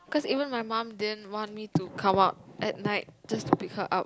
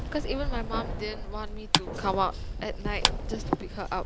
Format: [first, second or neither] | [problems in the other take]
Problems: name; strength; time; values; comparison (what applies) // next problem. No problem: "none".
first | background sound (Clapping + Keys jangling); 1 dB above the speech